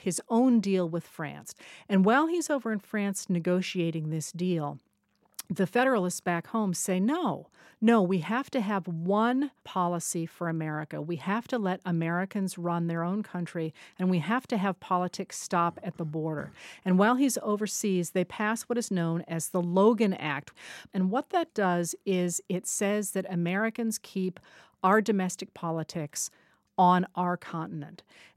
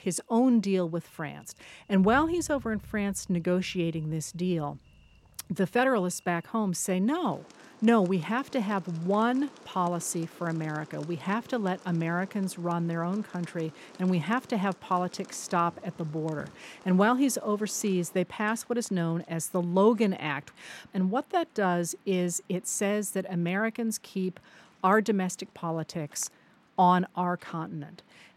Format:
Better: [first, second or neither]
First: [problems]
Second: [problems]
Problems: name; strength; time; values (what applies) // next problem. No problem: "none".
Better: first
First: none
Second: rain or running water; faint; throughout; 25 dB below the speech